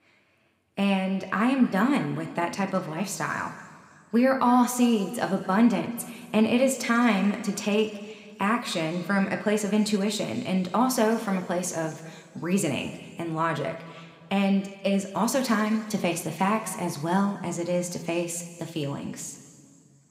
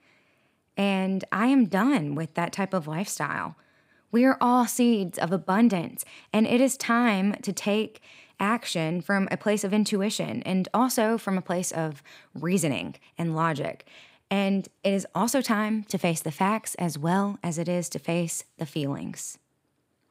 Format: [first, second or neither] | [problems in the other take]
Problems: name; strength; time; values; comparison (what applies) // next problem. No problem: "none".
second | room echo; slight; dies away in 1.8 s